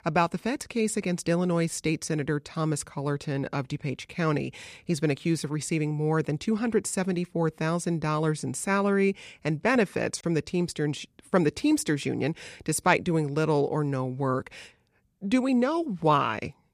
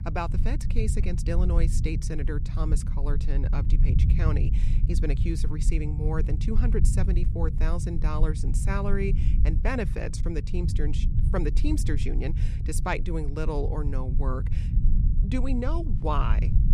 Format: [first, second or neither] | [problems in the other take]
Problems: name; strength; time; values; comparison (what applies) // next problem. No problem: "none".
first | low rumble; loud; throughout; 8 dB below the speech